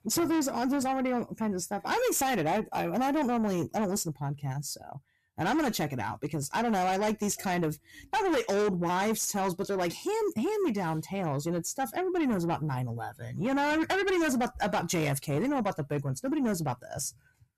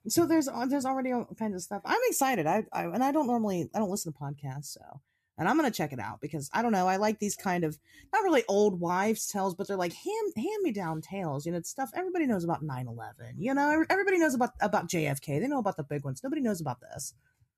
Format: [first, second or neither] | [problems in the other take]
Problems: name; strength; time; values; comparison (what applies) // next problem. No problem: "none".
second | distortion; heavy; 8 dB below the speech